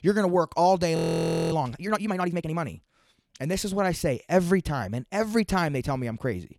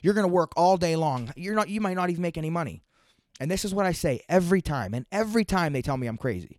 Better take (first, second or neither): second